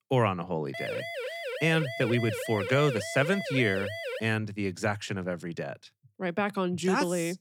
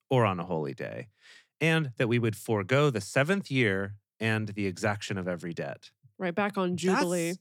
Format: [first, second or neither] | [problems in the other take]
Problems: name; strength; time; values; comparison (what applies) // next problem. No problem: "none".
second | siren; noticeable; from 0.5 to 4 s; peak 5 dB below the speech